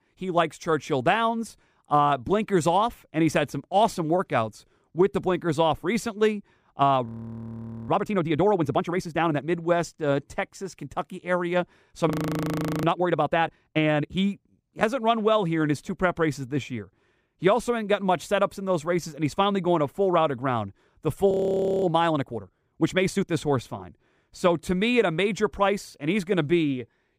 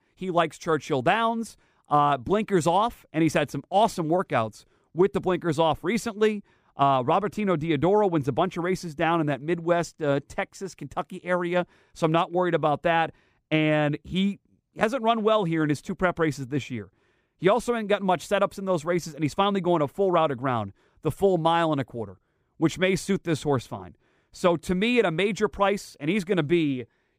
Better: second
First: audio freezing; at 7 s for 1 s, at 12 s for 0.5 s and at 21 s for 0.5 s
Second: none

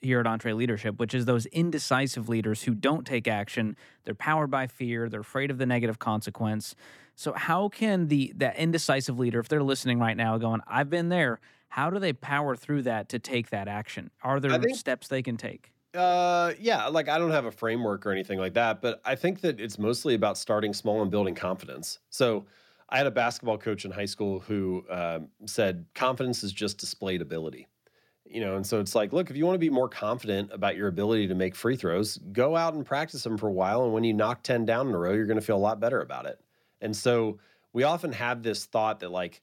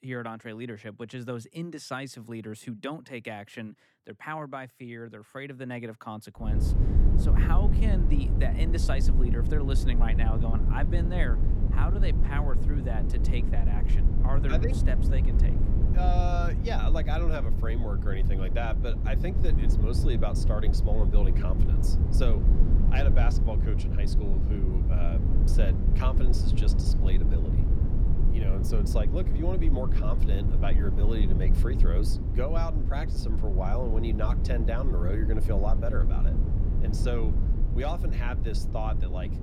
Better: first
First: none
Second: low rumble; loud; from 6.5 s on; 4 dB below the speech

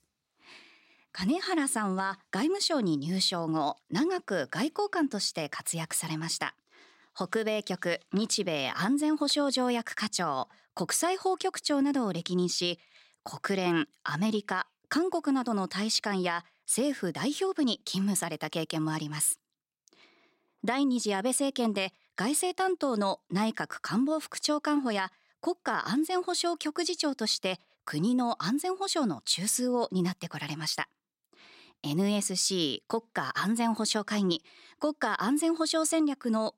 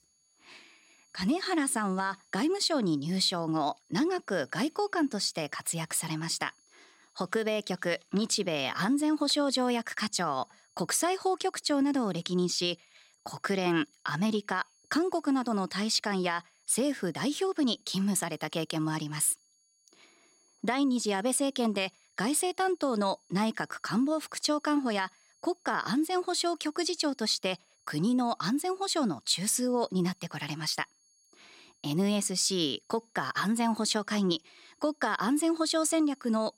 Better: first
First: none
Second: high-pitched whine; faint; throughout; 6.5 kHz, 35 dB below the speech

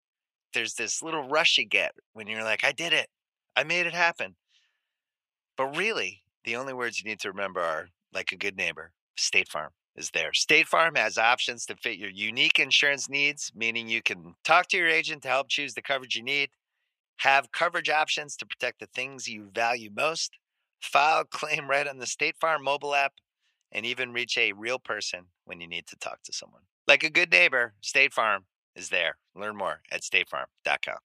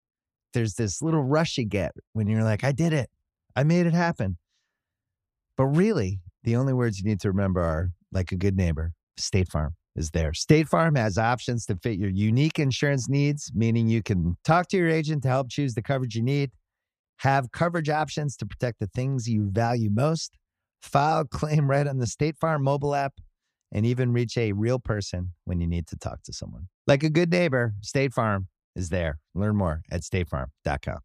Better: second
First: thin; very; fading below 700 Hz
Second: none

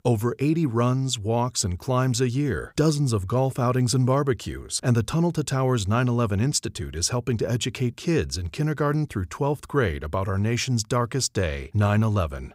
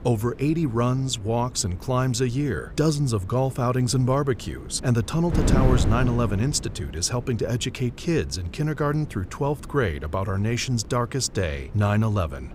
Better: first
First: none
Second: wind noise on the microphone; occasional gusts; 15 dB below the speech

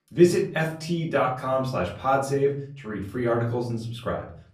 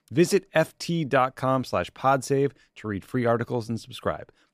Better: second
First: off-mic speech; far // room echo; slight; dies away in 0.5 s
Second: none

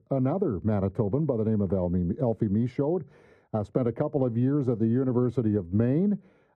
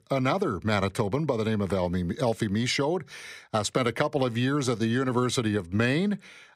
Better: second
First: muffled; very; fading above 1.5 kHz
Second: none

